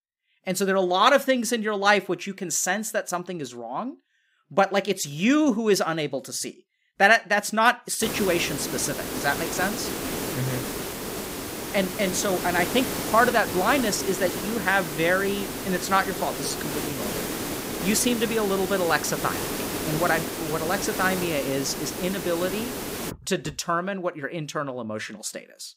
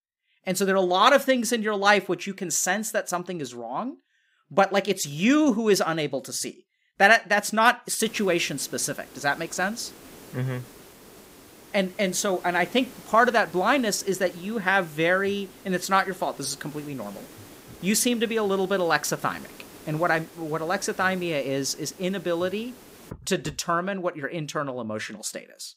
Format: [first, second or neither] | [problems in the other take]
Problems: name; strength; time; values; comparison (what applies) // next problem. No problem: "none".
second | hiss; loud; from 8 to 23 s; 5 dB below the speech; faint in the second